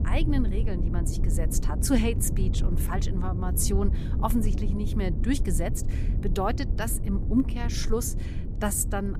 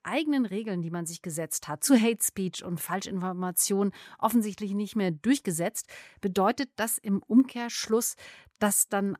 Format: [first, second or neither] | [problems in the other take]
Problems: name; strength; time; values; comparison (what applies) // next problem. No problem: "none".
second | low rumble; loud; throughout; 10 dB below the speech